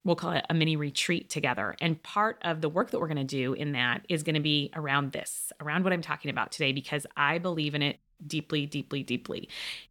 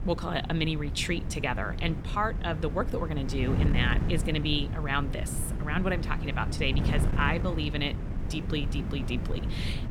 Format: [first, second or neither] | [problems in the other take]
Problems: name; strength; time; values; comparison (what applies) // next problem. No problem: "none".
first | wind noise on the microphone; occasional gusts; 10 dB below the speech